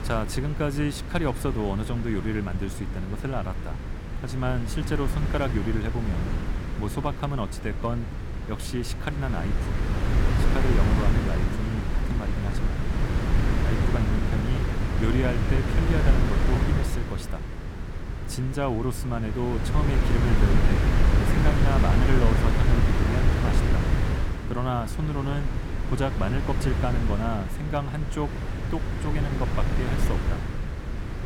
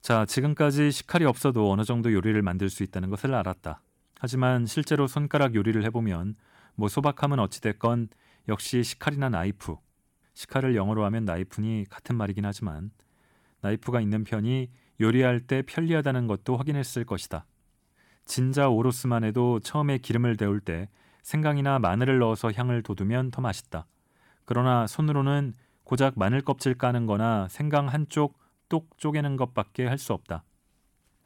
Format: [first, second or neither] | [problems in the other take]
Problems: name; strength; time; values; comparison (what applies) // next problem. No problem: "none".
second | wind noise on the microphone; heavy; 1 dB below the speech